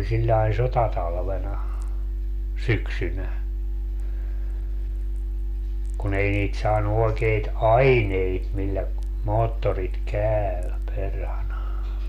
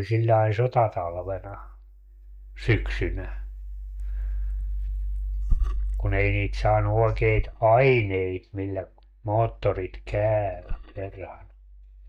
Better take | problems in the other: first | noise reduction (neural mask model DeepFilterNet 3)

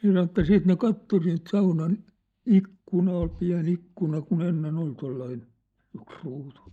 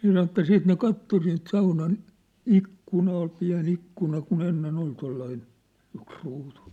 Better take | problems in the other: second | noise reduction (neural mask model DeepFilterNet 3)

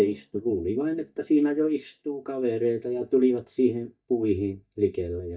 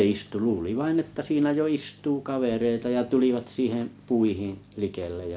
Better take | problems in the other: second | noise reduction (neural mask model DeepFilterNet 3)

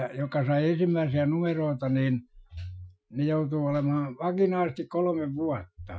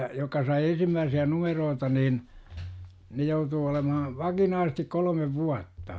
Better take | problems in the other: second | noise reduction (classical method Wiener filter)

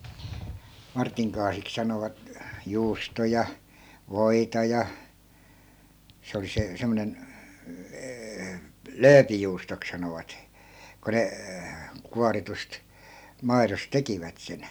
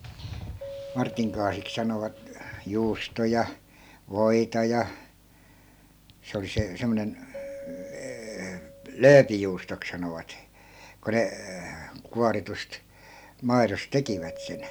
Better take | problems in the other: first | background sound (Keyboard (musical)); 19 dB below the speech

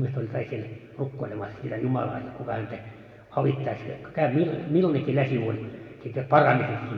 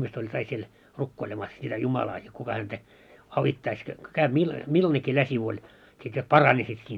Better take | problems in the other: second | room echo; dies away in 1.9 s

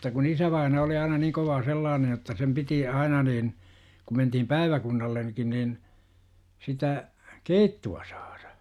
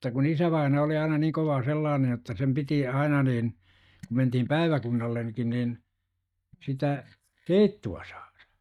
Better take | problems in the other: first | noise reduction (neural mask model DeepFilterNet 3)

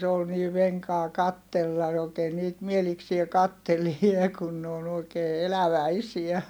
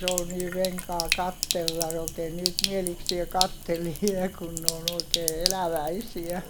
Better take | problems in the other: first | background sound (Sink (filling or washing)); 1 dB below the speech

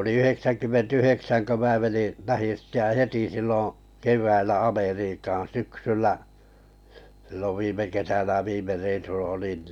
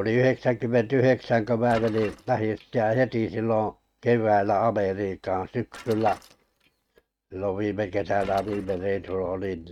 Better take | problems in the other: first | noise reduction (neural mask model RNNoise)

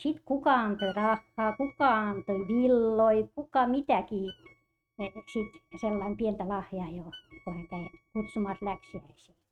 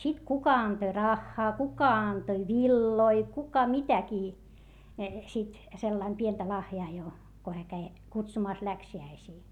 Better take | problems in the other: second | noise reduction (neural mask model RNNoise)

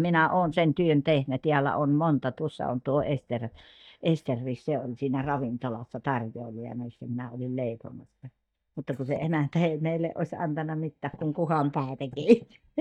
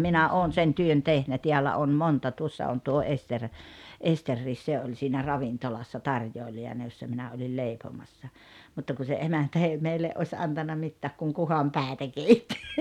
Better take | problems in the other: second | noise reduction (neural mask model DeepFilterNet 3)

